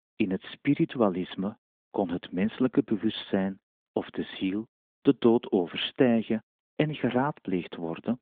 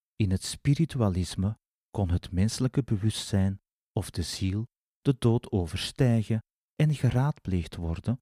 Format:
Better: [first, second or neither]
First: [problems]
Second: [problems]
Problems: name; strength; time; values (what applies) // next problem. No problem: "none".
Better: second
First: phone-call audio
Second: none